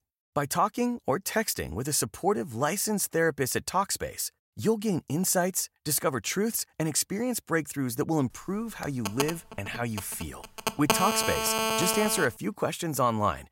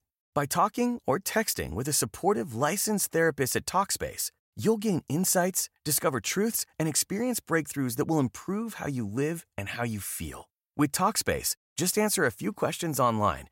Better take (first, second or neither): second